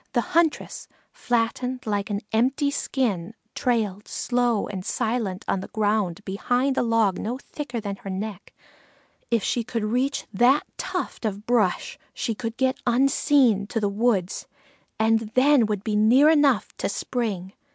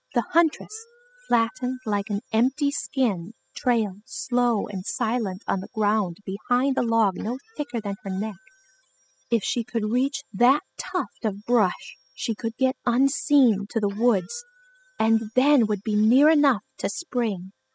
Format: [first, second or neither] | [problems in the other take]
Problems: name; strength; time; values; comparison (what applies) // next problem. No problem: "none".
first | noise reduction (classical method spectral subtraction)